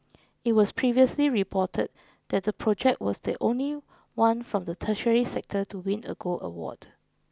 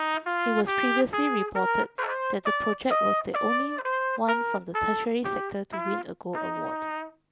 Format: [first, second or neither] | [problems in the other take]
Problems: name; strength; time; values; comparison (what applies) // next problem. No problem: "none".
first | background sound (Trumpet); 3 dB above the speech